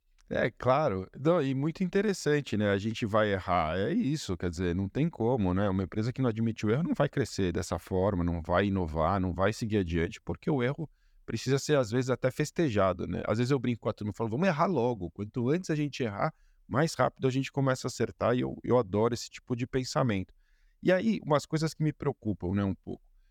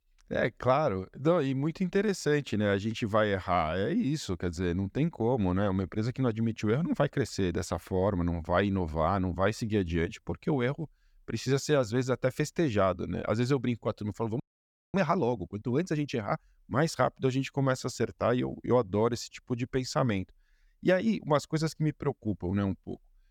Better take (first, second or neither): first